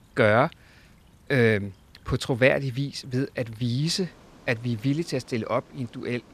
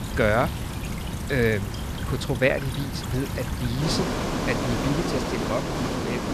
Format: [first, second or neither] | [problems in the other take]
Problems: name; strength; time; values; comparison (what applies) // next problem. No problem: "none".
first | rain or running water; loud; throughout; 2 dB below the speech; faint in the first